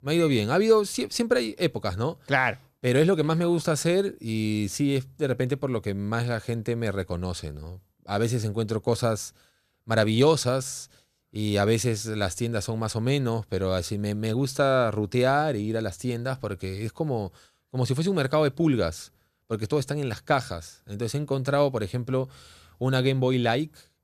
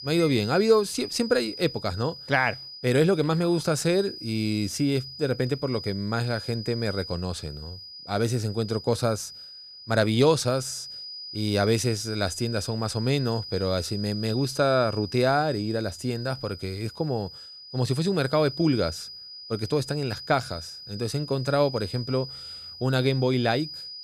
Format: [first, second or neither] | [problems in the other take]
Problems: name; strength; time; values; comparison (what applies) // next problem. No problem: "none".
first | high-pitched whine; noticeable; throughout; 5 kHz, 10 dB below the speech